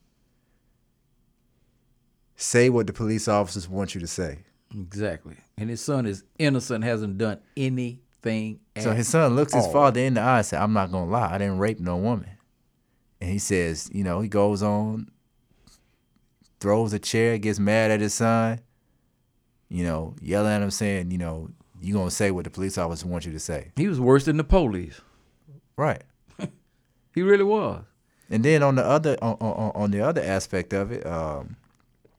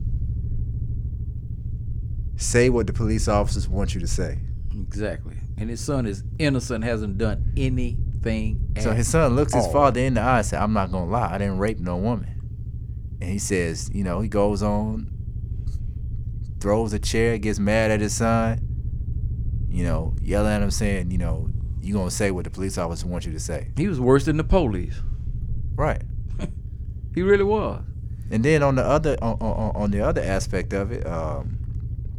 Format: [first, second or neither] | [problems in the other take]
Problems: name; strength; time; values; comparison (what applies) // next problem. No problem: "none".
first | low rumble; faint; throughout; 20 dB below the speech